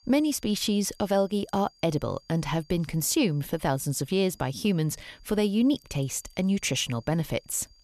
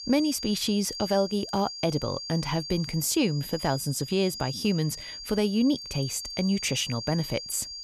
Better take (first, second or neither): first